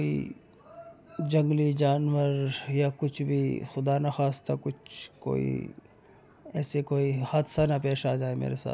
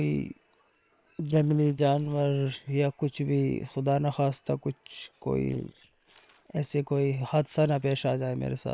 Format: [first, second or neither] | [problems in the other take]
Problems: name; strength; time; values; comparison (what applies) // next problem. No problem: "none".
first | noise reduction (neural separator model SepFormer WHAM!)